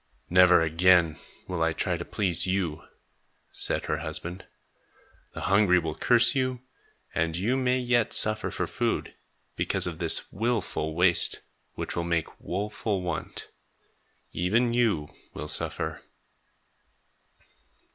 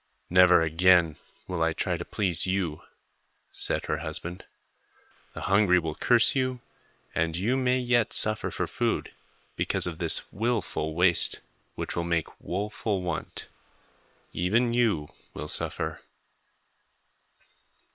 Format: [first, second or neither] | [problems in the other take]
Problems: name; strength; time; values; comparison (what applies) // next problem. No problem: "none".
first | noise reduction (neural separator model SepFormer WHAM!)